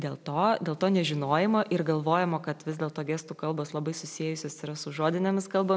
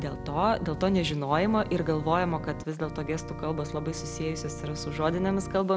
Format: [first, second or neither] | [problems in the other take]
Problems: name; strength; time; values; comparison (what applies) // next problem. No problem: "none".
first | background sound (Organ); 9 dB below the speech